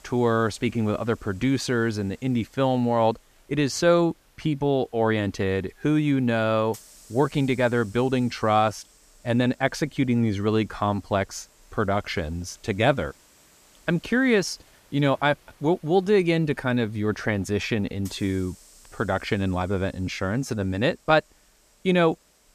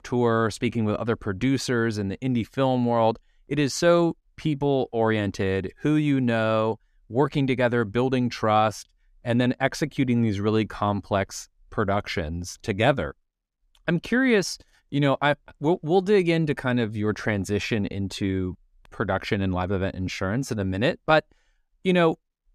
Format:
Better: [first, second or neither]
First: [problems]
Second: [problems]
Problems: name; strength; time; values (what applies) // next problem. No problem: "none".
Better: second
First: hiss; faint; throughout; 30 dB below the speech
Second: none